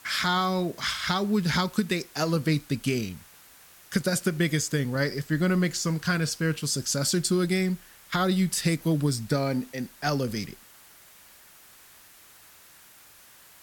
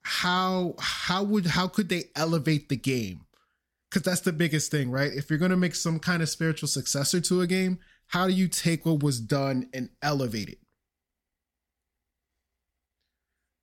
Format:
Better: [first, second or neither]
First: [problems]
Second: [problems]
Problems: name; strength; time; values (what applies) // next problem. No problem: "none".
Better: second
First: hiss; faint; throughout; 25 dB below the speech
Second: none